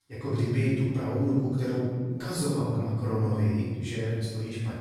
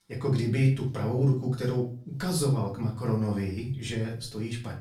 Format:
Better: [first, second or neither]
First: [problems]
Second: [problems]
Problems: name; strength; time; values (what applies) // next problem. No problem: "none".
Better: second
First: room echo; strong; dies away in 1.6 s // off-mic speech; far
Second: room echo; slight; dies away in 0.3 s // off-mic speech; far